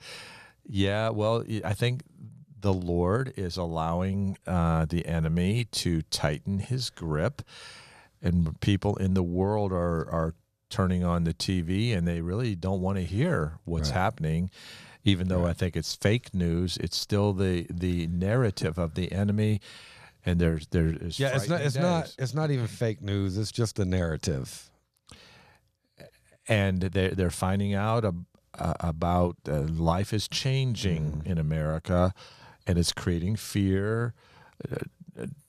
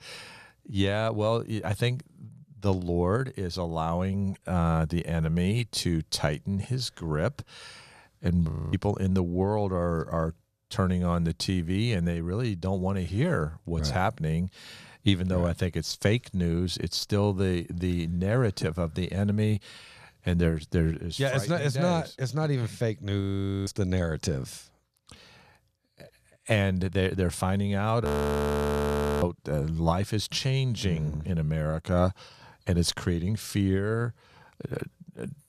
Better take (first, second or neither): first